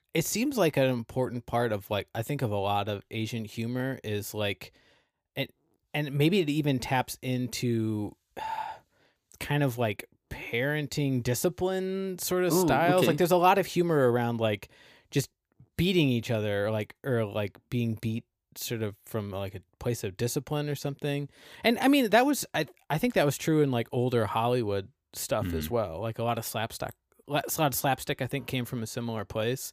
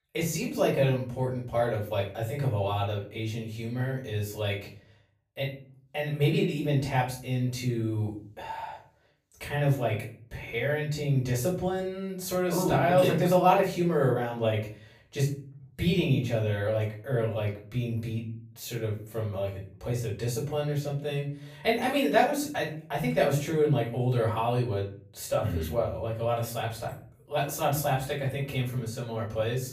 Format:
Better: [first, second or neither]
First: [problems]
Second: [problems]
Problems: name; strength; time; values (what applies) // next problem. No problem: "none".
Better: first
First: none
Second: off-mic speech; far // room echo; slight; dies away in 0.5 s